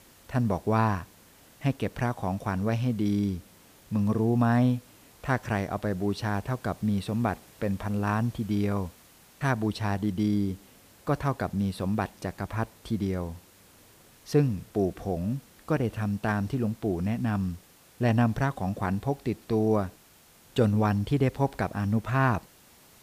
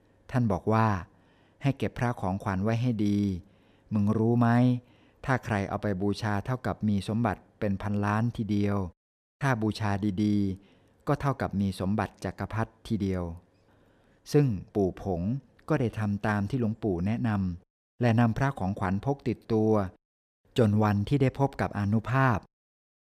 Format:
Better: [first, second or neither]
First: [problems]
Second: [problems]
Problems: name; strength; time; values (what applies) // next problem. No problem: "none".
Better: second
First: hiss; faint; throughout; 25 dB below the speech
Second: none